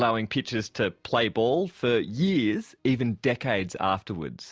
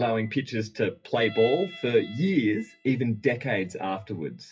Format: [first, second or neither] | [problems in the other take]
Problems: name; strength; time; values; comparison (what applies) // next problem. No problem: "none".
first | noise reduction (classical method WPE with log-MMSE)